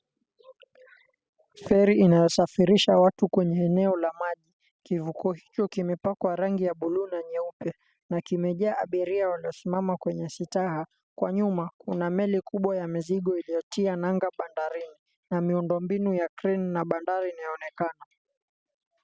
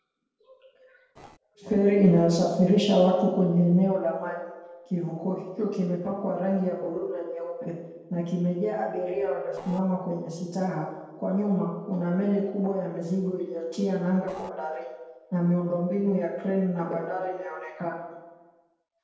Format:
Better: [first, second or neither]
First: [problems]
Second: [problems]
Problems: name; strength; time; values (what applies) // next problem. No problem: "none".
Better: first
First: none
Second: noise reduction (neural separator model SepFormer DNS4)